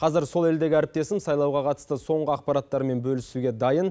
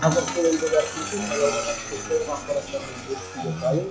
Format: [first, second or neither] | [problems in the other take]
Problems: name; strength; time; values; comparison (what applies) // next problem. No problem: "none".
first | noise reduction (classical method log-MMSE)